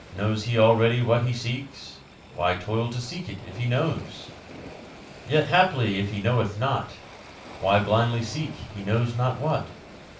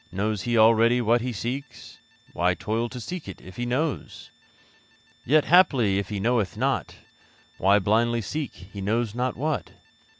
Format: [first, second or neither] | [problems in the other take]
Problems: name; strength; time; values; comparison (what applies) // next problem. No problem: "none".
second | background sound (Waves, surf); 18 dB below the speech // room echo; dies away in 0.3 s